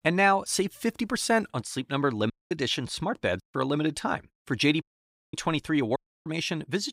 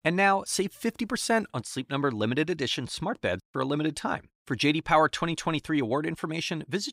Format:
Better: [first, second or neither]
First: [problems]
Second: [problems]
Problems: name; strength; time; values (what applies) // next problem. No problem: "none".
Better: second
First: audio cutting out; at 2.5 s, at 5 s for 0.5 s and at 6 s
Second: none